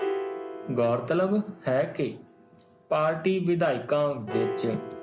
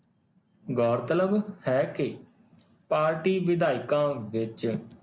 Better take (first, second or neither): second